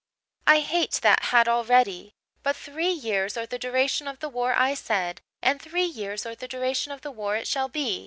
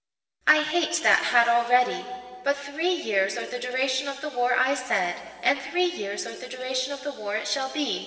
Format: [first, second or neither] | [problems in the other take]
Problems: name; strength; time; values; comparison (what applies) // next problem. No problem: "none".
first | room echo; dies away in 1.9 s